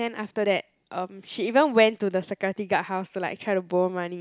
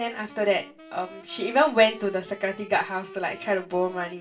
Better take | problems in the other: first | background sound (Wind instrument, woodwind instrument); 19 dB below the speech // room echo; dies away in 0.2 s

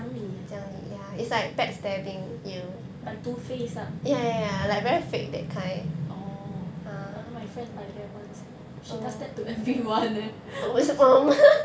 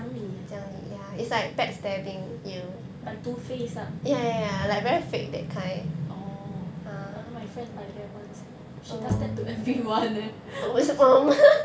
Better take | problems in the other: first | background sound (Bowed string instrument); 7 dB below the speech

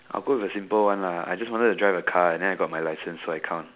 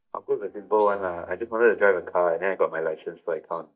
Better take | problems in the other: first | noise reduction (neural mask model DeepFilterNet 3)

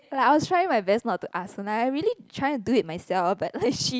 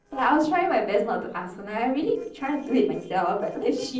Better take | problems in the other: first | noise reduction (neural separator model SepFormer DNS4)

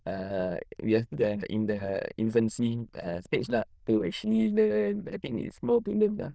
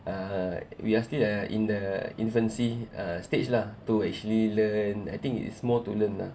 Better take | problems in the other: second | noise reduction (neural diffusion model UNIVERSE++)

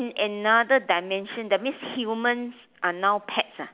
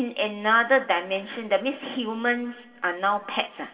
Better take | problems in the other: first | room echo; dies away in 2.6 s

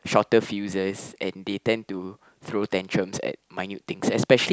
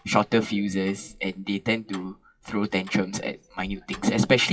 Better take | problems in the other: first | noise reduction (classical method WPE with log-MMSE)

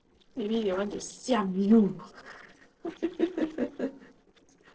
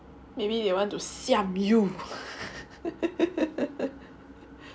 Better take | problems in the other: second | noise reduction (neural separator model SepFormer DNS4)

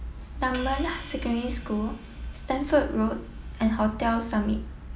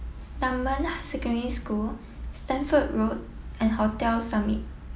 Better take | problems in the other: second | background sound (Hi-hat); 20 dB below the speech

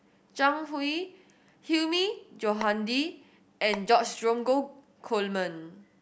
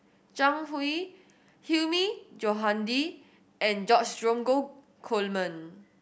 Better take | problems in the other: second | background sound (Telephone); 12 dB below the speech

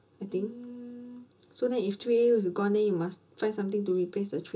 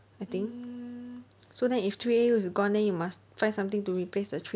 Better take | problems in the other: second | room echo; dies away in 0.2 s

